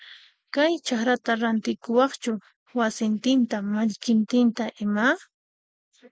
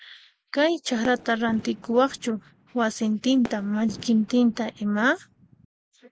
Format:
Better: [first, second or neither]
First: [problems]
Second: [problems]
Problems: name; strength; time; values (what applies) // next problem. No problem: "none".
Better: first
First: none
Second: background sound (Fireworks); 19 dB below the speech